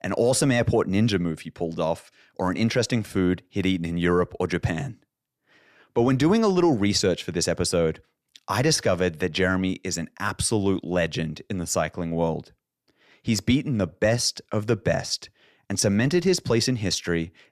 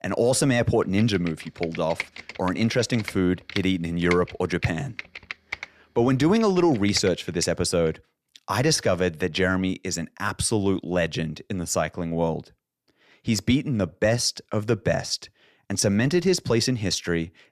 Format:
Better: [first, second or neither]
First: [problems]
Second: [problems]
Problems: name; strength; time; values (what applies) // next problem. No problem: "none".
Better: first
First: none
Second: keyboard typing; noticeable; from 1 to 7.5 s; peak 8 dB below the speech